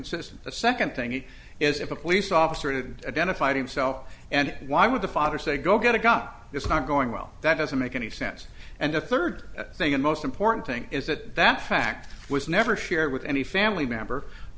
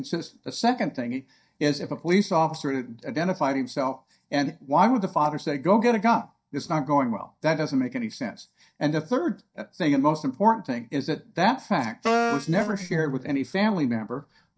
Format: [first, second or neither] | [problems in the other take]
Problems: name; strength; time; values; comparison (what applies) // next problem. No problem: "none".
first | noise reduction (neural mask model DeepFilterNet 3)